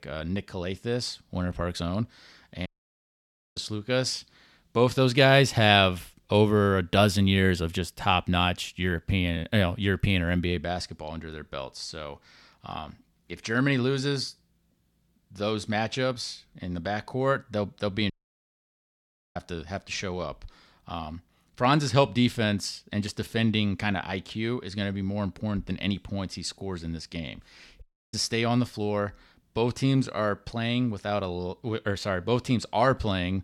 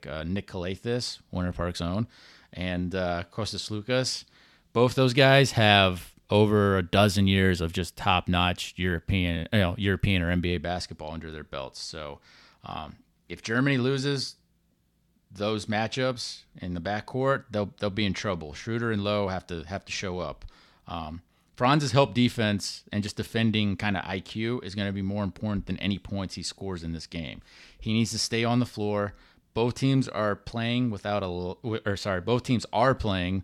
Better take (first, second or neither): second